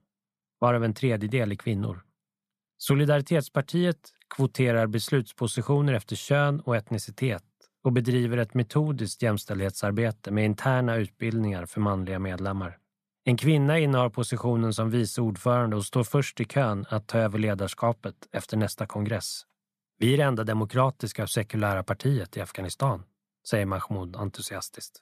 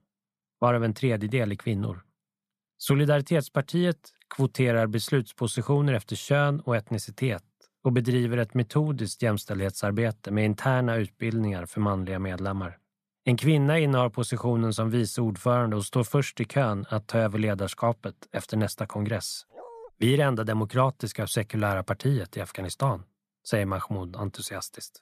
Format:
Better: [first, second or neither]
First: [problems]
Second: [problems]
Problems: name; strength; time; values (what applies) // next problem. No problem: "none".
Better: first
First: none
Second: dog barking; faint; at 20 s; peak 20 dB below the speech